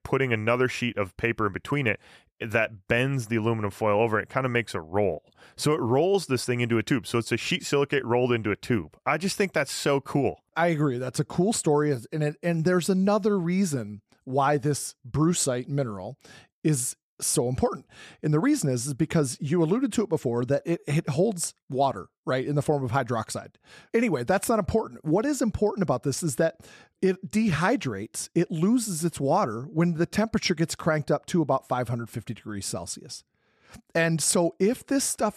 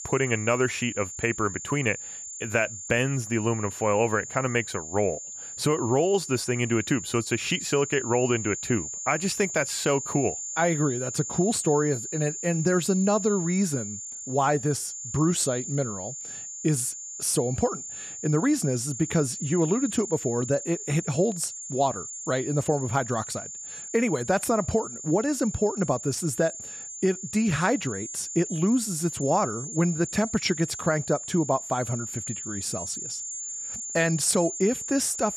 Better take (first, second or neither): first